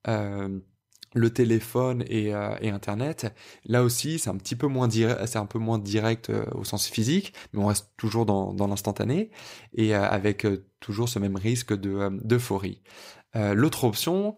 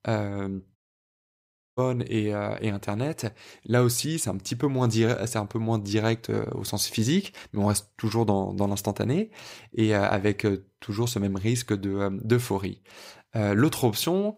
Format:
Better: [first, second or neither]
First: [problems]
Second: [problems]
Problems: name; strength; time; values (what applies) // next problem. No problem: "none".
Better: first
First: none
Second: audio cutting out; at 1 s for 1 s